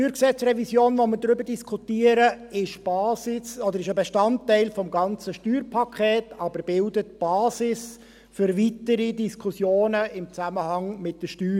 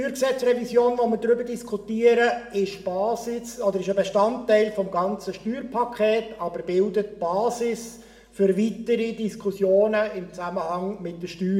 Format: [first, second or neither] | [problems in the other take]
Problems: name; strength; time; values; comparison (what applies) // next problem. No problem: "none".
first | room echo; dies away in 0.8 s